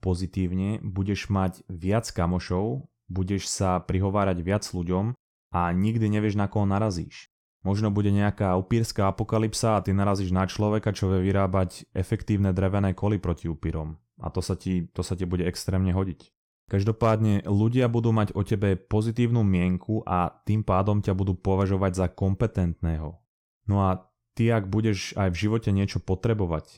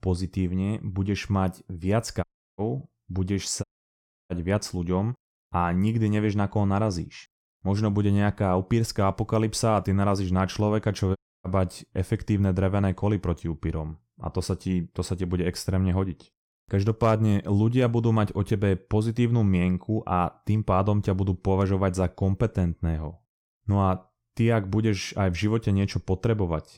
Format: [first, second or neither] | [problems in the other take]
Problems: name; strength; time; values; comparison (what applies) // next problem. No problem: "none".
first | audio cutting out; at 2 s, at 3.5 s for 0.5 s and at 11 s